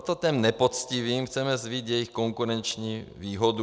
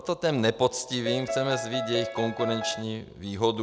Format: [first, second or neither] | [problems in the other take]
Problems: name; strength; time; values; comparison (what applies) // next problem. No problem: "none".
first | background sound (Piano); 4 dB below the speech